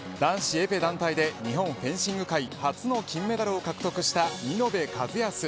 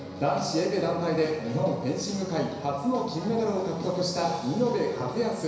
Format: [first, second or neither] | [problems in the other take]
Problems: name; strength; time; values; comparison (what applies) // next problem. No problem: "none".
first | room echo; dies away in 1 s